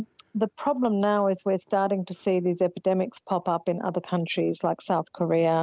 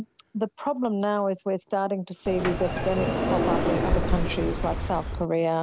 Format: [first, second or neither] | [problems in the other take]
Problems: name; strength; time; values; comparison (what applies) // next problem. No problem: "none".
first | background sound (Sliding door); 1 dB below the speech